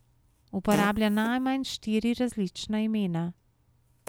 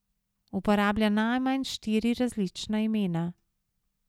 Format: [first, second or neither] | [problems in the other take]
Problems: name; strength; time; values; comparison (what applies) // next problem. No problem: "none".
second | background sound (Fart); 13 dB below the speech